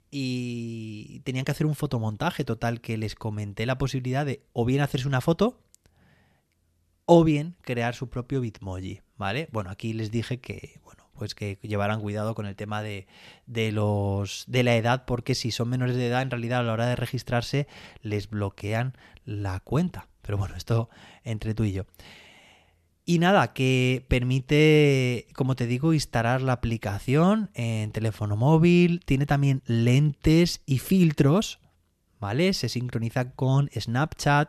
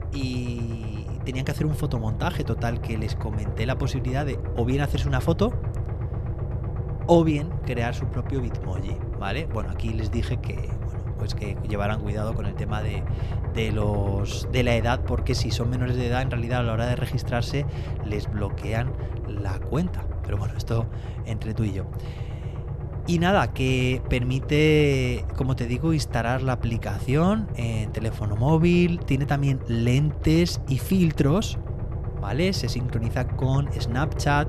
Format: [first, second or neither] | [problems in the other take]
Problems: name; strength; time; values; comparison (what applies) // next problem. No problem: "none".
first | low rumble; noticeable; throughout; 10 dB below the speech